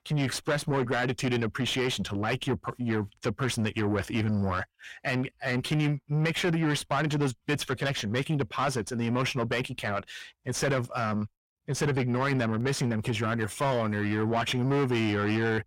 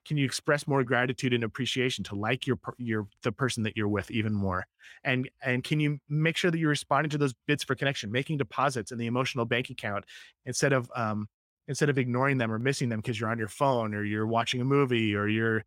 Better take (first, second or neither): second